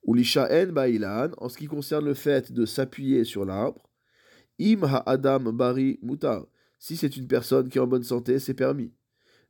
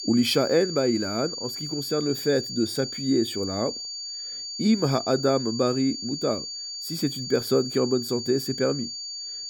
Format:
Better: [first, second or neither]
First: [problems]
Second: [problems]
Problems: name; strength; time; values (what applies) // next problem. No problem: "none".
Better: first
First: none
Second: high-pitched whine; loud; throughout; 4.5 kHz, 6 dB below the speech